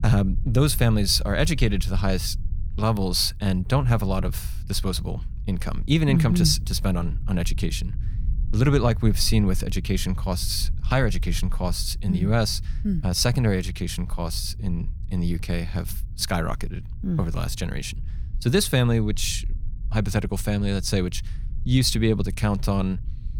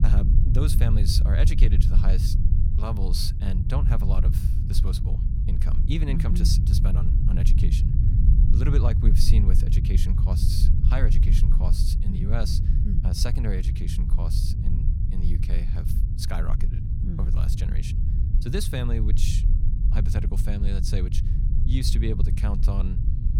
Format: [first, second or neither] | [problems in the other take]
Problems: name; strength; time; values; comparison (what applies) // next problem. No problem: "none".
first | low rumble; loud; throughout; 4 dB below the speech; faint in the first